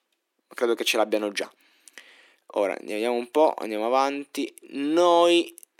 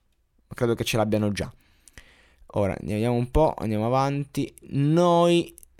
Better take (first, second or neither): second